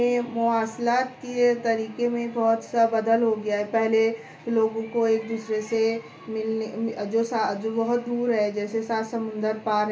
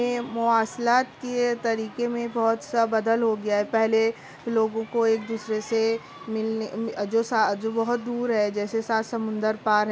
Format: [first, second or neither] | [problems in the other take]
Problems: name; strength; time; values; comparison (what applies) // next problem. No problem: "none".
second | room echo; dies away in 0.3 s